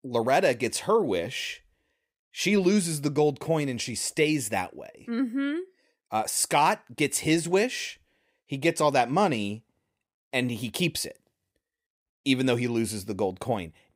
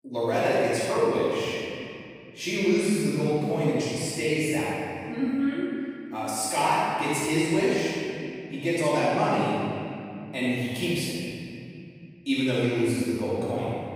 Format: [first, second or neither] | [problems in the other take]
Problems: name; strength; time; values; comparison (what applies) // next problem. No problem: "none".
first | off-mic speech; far // room echo; strong; dies away in 2.5 s